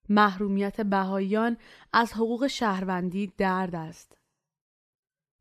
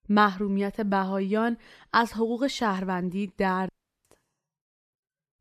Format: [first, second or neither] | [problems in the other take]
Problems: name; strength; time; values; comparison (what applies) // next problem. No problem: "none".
first | audio cutting out; at 3.5 s